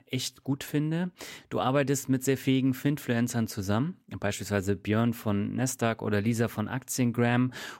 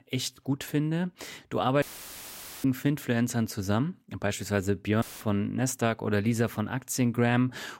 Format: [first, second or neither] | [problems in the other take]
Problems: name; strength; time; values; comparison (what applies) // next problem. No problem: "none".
first | audio cutting out; filled with static; at 2 s for 1 s and at 5 s